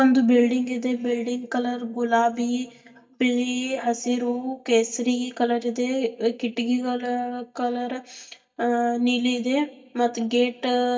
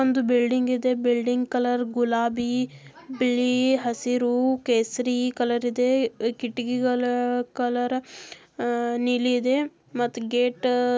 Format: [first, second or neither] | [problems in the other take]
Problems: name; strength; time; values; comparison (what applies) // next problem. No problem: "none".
second | noise reduction (neural mask model DeepFilterNet 3)